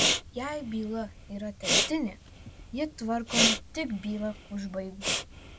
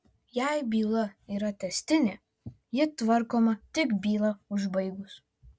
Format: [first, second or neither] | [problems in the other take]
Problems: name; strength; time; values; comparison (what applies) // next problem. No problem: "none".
second | background sound (Respiratory sounds); 2 dB above the speech